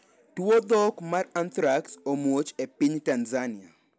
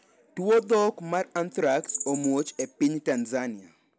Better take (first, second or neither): first